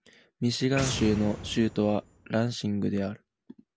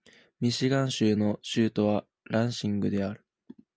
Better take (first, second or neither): second